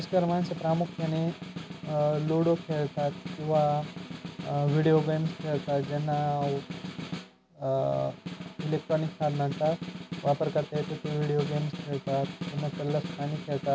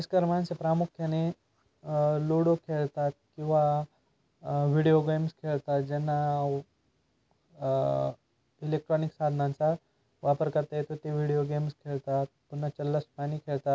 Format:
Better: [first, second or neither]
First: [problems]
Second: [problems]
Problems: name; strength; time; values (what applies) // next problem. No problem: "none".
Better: second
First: background sound (Snare drum); 9 dB below the speech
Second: none